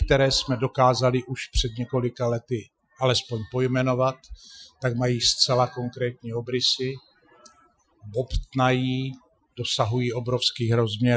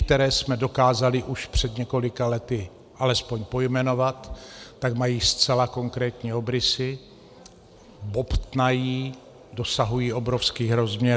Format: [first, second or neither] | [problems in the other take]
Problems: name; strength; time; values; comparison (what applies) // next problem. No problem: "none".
second | noise reduction (classical method Wiener filter)